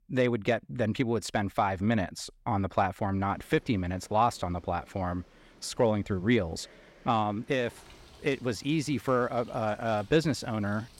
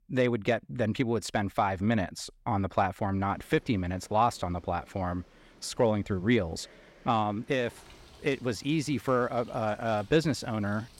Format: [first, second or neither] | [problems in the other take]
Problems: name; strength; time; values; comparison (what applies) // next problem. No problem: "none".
neither | animal sounds; faint; from 3 s on; 25 dB below the speech; the same in both